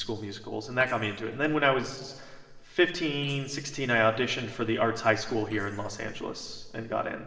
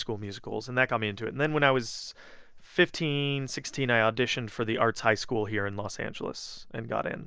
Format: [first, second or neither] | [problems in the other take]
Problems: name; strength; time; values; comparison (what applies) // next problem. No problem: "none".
second | noise reduction (neural separator model SepFormer DNS4)